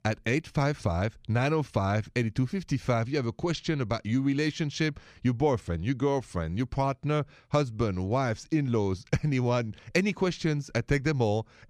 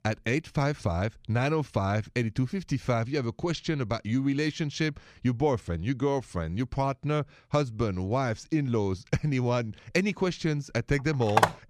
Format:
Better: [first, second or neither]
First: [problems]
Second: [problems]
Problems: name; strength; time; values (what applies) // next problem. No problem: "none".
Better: first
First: none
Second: phone ringing; very faint; at 11 s; peak 4 dB above the speech